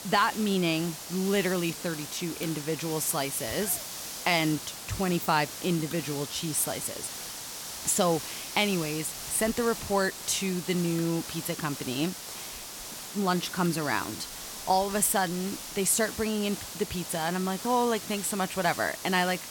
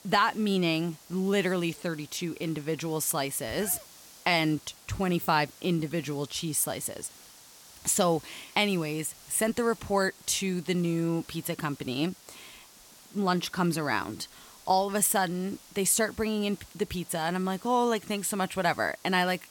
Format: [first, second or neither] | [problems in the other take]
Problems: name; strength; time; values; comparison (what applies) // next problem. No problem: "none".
second | hiss; loud; throughout; 8 dB below the speech; faint in the second